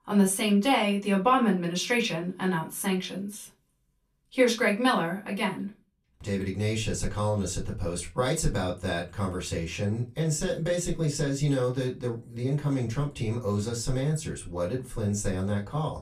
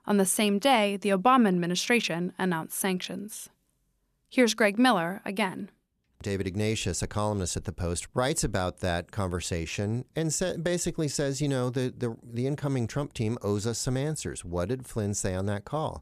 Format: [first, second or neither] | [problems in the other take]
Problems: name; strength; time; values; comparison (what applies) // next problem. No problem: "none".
second | off-mic speech; far // room echo; very slight; dies away in 0.2 s